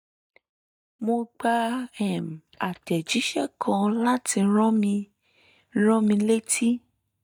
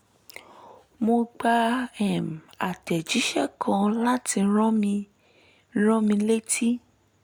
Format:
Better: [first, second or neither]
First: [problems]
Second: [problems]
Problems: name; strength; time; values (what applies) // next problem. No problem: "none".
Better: second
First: noise reduction (neural mask model DeepFilterNet 3)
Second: none